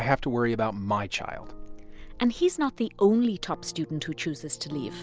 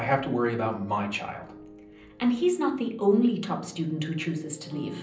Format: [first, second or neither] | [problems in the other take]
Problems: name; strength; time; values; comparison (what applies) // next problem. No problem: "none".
first | room echo; dies away in 0.6 s